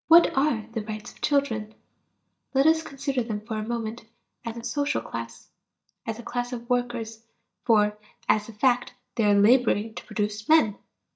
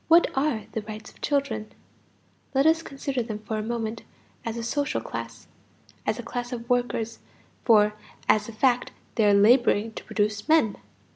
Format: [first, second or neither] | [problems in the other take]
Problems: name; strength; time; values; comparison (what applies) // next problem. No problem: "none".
second | noise reduction (neural mask model DeepFilterNet 3)